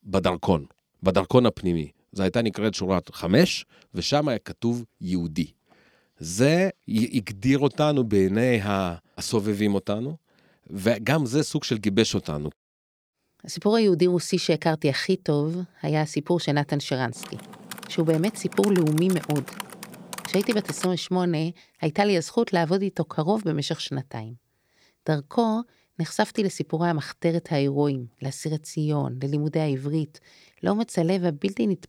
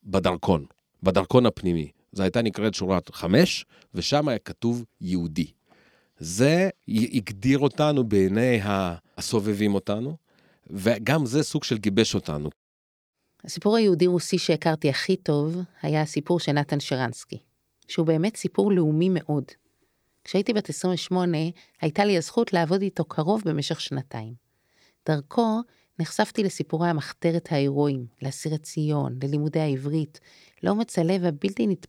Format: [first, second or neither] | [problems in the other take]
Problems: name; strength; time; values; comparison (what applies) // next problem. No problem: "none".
second | keyboard typing; noticeable; from 17 to 21 s; peak 9 dB below the speech